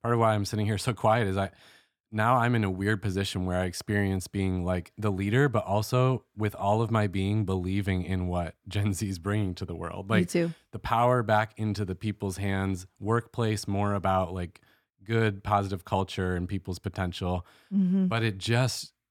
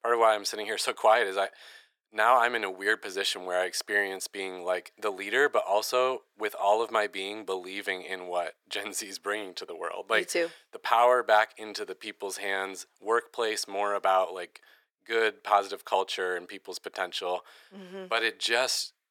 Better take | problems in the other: first | thin; very; fading below 450 Hz

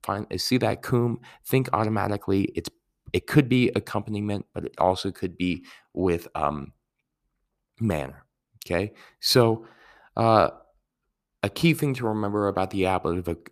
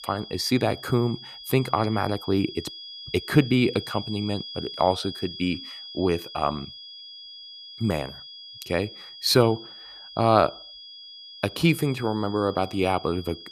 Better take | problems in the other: first | high-pitched whine; noticeable; throughout; 3.5 kHz, 15 dB below the speech

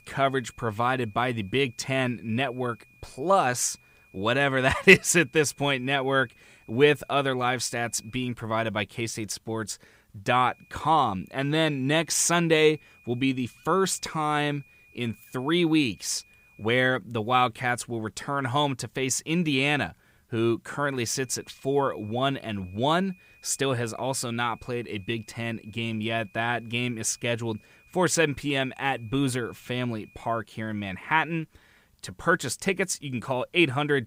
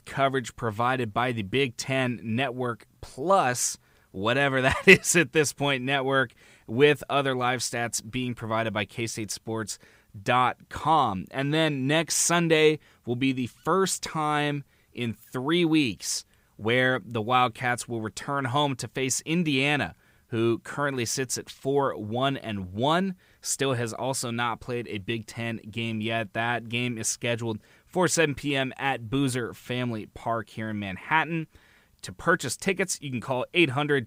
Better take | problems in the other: second | high-pitched whine; faint; until 8 s, from 10 to 17 s and from 21 to 30 s; 2.5 kHz, 30 dB below the speech

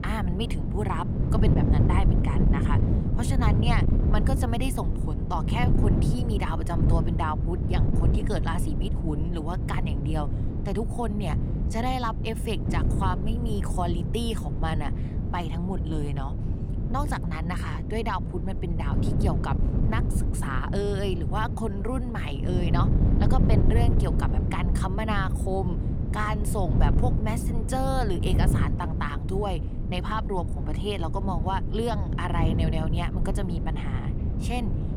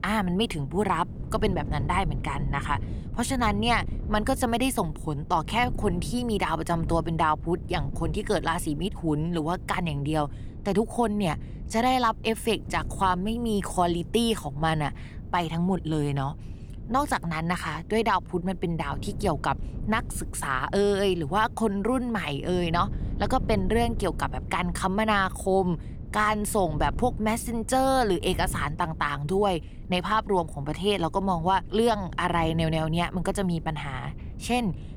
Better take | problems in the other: second | wind noise on the microphone; heavy; 5 dB below the speech; occasional gusts in the second

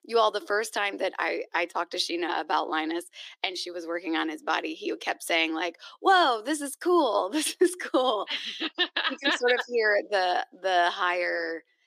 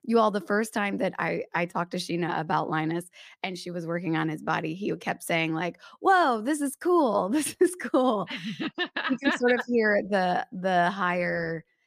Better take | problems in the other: second | thin; somewhat; fading below 300 Hz

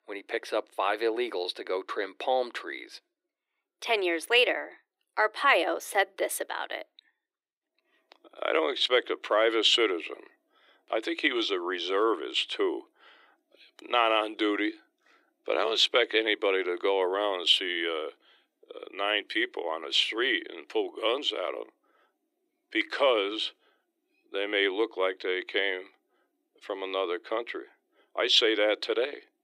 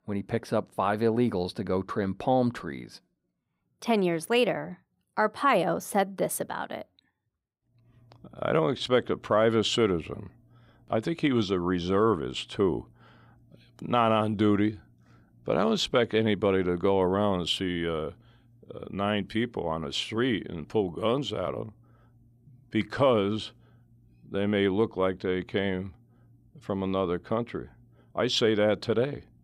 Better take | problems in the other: second | thin; very; fading below 300 Hz

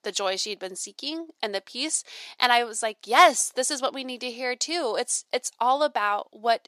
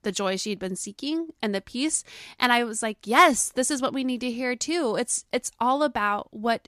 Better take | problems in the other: second | thin; somewhat; fading below 450 Hz

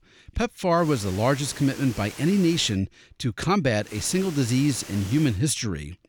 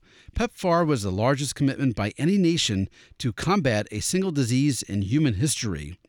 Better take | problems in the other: second | hiss; noticeable; from 1 to 2.5 s and from 4 to 5.5 s; 15 dB below the speech

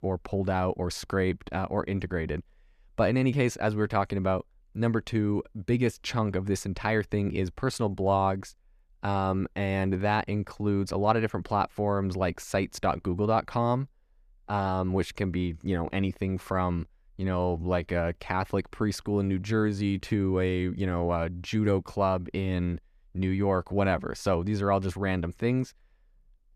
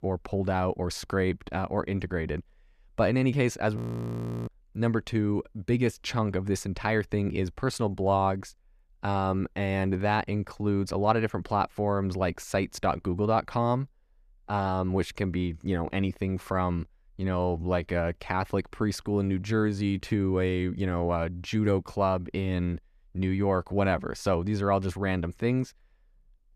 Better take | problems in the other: first | audio freezing; at 4 s for 0.5 s

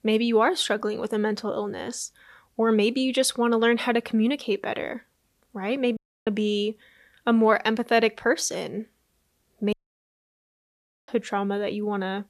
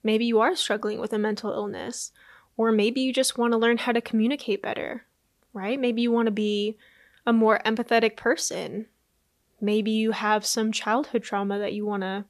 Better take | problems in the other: second | audio cutting out; at 6 s and at 9.5 s for 1.5 s

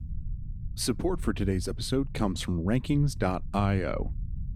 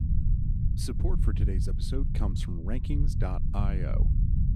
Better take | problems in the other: first | low rumble; loud; throughout; 4 dB below the speech; faint in the first

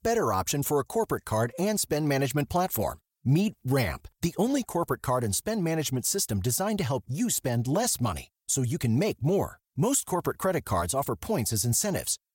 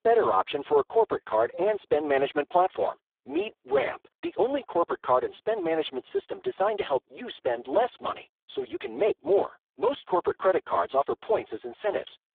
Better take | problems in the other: first | phone-call audio; poor line

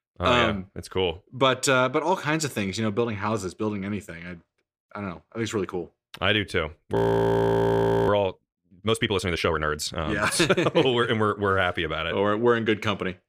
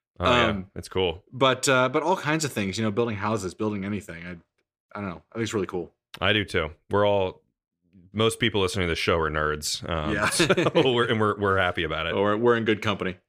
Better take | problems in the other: second | audio freezing; at 7 s for 1 s

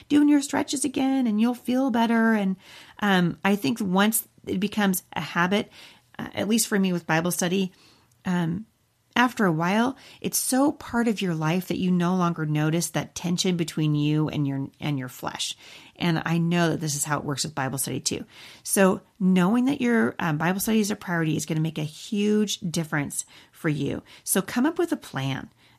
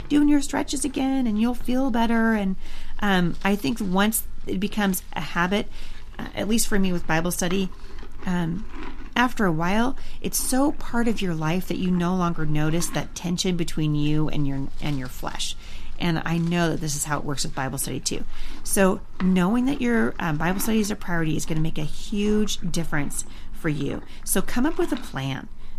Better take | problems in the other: first | animal sounds; noticeable; throughout; 15 dB below the speech

